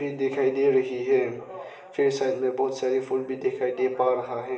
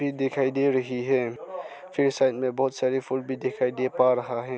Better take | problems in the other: second | room echo; dies away in 0.8 s

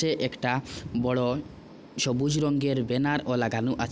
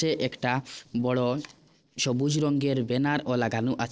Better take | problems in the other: first | noise reduction (neural separator model SepFormer DNS4)

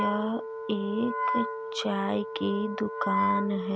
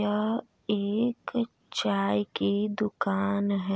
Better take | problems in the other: second | background sound (Wind instrument, woodwind instrument); 2 dB below the speech

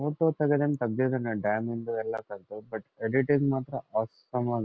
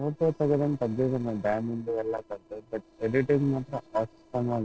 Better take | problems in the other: first | noise reduction (neural separator model SepFormer DNS4)

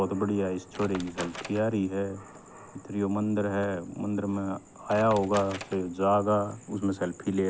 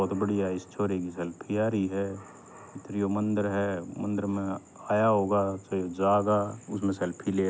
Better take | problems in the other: second | background sound (Wood); 17 dB below the speech

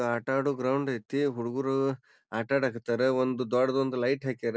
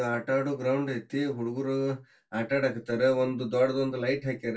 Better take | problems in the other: first | room echo; dies away in 0.2 s

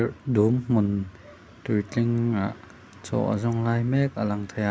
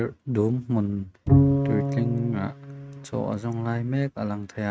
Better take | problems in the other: first | noise reduction (neural mask model RNNoise)

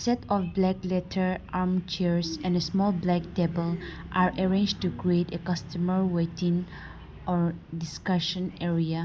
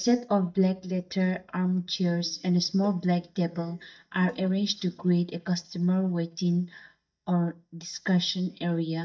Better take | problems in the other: first | noise reduction (neural mask model DeepFilterNet 3)

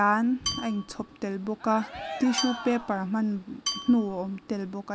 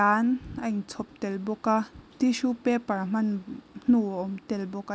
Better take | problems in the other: second | background sound (Dishes, pots, and pans / Glass / Bell + Cheering); 10 dB below the speech

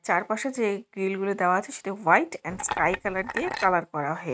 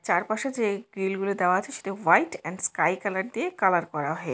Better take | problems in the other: second | noise reduction (neural mask model RNNoise)

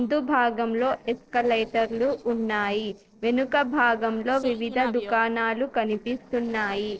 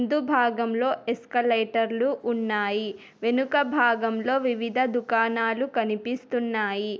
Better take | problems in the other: second | noise reduction (neural separator model SepFormer DNS4)

